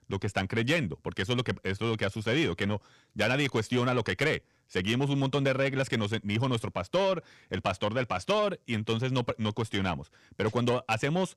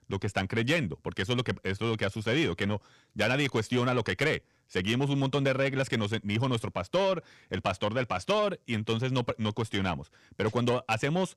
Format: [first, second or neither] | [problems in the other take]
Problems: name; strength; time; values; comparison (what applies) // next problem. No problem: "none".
neither | distortion; slight; 10 dB below the speech; the same in both